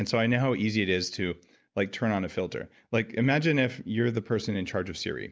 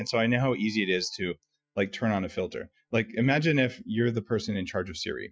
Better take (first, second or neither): first